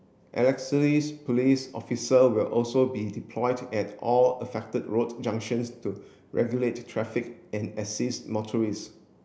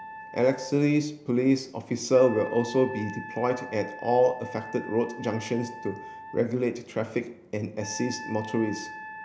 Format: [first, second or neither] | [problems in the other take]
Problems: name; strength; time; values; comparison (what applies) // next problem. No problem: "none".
first | background sound (Wind instrument, woodwind instrument); 15 dB below the speech